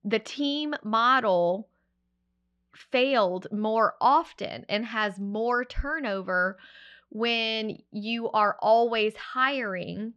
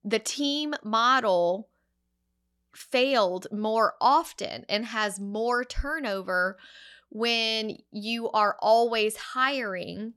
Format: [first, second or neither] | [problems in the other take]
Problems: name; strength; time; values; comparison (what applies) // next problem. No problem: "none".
second | muffled; very slightly; fading above 3 kHz